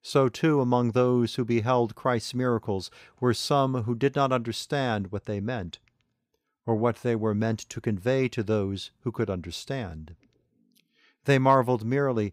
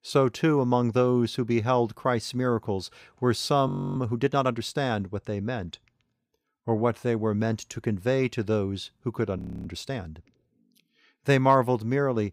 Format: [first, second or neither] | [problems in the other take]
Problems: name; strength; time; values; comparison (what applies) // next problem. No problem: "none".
first | audio freezing; at 3.5 s and at 9.5 s